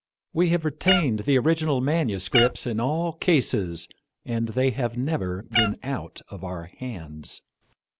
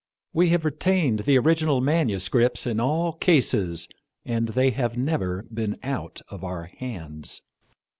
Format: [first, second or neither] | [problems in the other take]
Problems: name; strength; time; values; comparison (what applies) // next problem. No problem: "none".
second | background sound (Meow); 4 dB below the speech